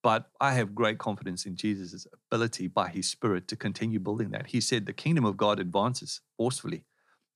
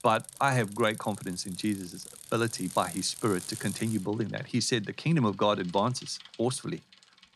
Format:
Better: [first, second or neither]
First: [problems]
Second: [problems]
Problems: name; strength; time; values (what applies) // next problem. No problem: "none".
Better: first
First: none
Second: traffic noise; noticeable; throughout; 15 dB below the speech